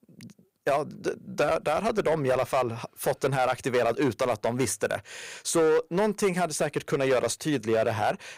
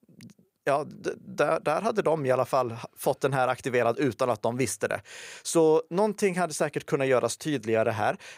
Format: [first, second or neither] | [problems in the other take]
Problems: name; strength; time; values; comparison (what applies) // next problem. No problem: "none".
second | distortion; slight; 7% of the sound clipped